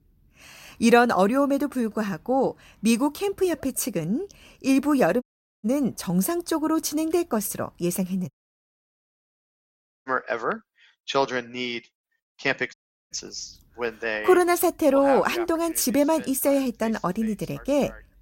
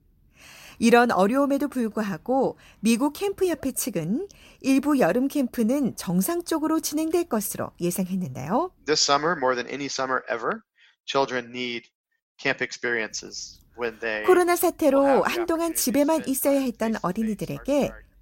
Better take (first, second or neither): second